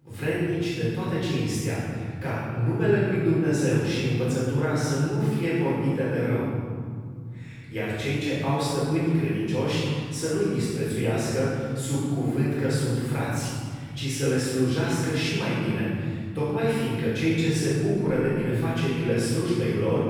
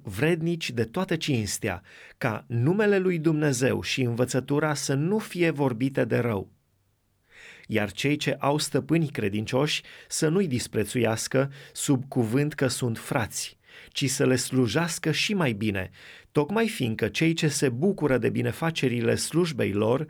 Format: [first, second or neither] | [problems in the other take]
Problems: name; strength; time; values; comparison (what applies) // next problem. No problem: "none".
second | room echo; strong; dies away in 3 s // off-mic speech; far